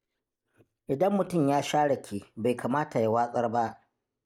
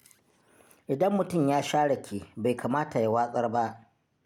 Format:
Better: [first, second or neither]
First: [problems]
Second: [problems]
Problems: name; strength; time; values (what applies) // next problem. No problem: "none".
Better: second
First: noise reduction (neural mask model DeepFilterNet 3)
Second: none